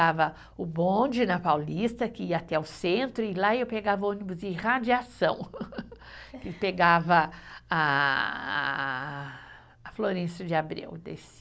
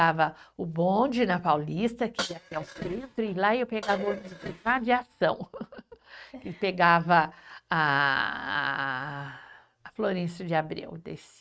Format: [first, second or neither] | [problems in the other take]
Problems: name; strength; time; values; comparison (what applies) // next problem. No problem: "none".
first | noise reduction (neural mask model RNNoise)